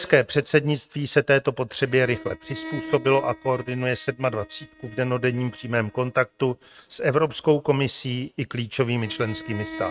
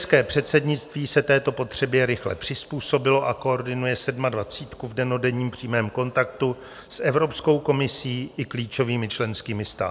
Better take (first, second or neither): second